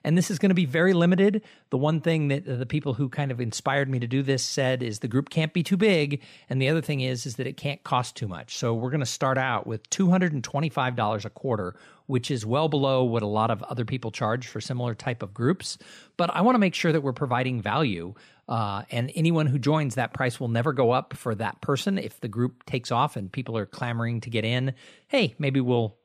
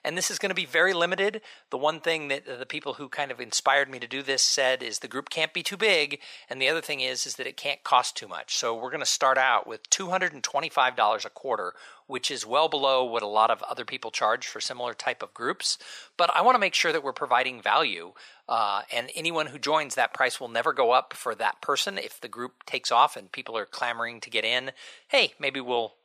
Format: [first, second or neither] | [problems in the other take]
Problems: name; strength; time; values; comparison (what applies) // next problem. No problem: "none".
first | thin; very; fading below 750 Hz